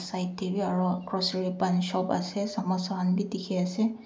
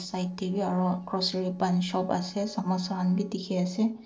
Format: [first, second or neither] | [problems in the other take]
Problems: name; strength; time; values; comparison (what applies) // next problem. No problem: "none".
first | noise reduction (neural separator model SepFormer DNS4)